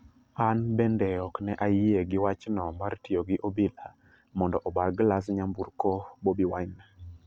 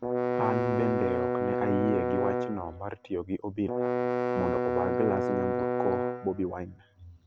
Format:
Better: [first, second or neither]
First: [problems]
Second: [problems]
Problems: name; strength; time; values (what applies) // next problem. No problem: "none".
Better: first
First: none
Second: background sound (Bowed string instrument); 3 dB above the speech